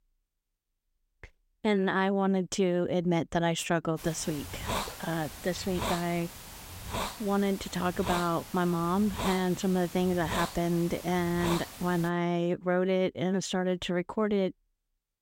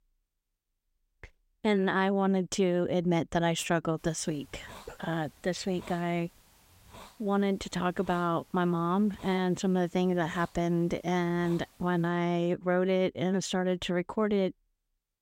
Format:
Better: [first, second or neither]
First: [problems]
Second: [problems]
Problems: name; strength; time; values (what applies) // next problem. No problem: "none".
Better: second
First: hiss; loud; from 4 to 12 s; 9 dB below the speech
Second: hiss; faint; from 4 to 12 s; 25 dB below the speech